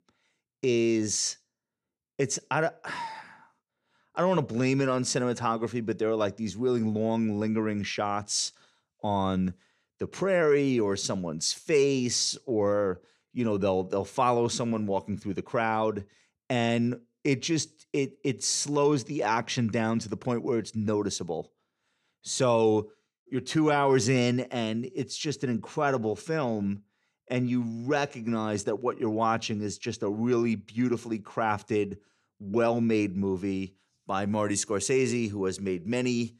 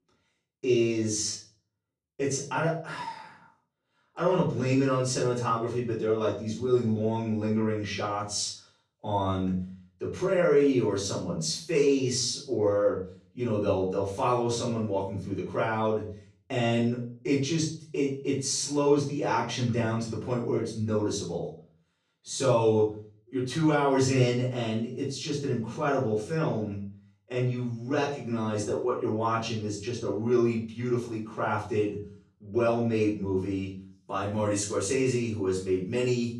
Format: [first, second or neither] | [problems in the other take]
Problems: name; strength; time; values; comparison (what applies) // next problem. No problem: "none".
first | off-mic speech; far // room echo; noticeable; dies away in 0.4 s